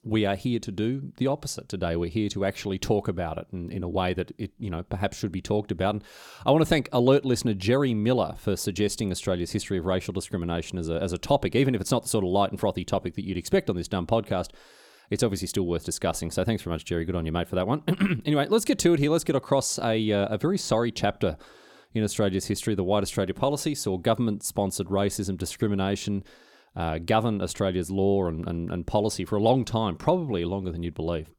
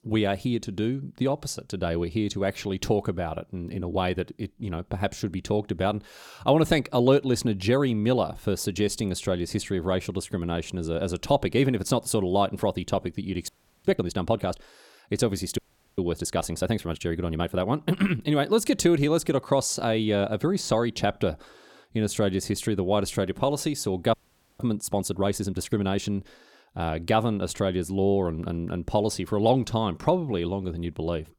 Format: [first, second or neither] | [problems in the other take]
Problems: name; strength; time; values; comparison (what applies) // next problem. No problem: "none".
first | audio freezing; at 13 s, at 16 s and at 24 s